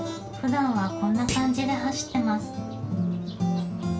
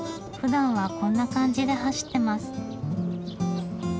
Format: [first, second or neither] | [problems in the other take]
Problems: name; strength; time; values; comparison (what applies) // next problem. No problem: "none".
second | background sound (Thump, thud); 12 dB below the speech // room echo; dies away in 0.3 s